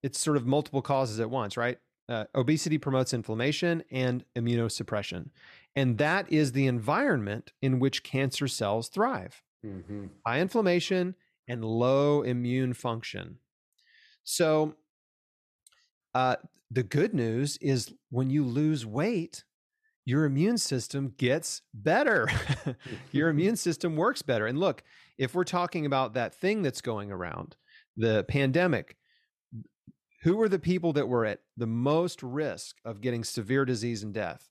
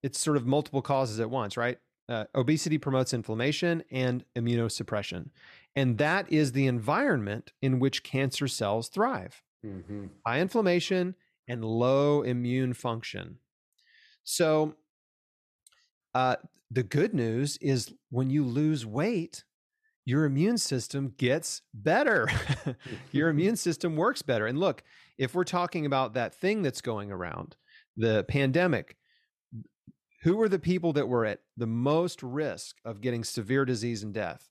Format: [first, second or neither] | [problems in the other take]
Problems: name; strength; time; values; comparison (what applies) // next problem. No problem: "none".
neither | none